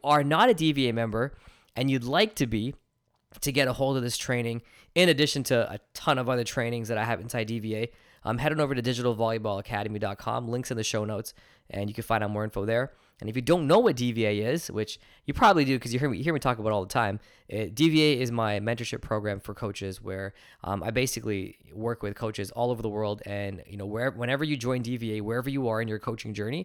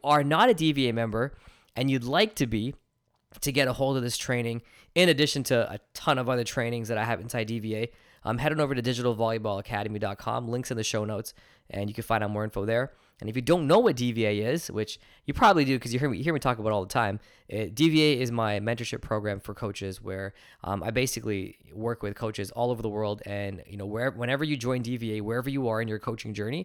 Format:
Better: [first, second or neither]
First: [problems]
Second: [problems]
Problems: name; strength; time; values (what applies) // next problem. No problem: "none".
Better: neither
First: none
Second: none